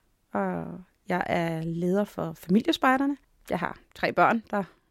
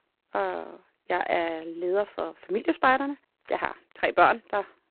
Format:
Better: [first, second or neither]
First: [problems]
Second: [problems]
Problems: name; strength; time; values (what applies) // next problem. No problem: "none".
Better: first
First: none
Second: phone-call audio; poor line; nothing above 4 kHz